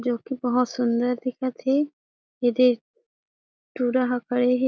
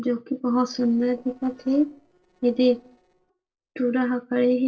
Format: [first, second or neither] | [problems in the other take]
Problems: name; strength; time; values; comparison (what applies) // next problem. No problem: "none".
first | noise reduction (neural separator model SepFormer DNS4)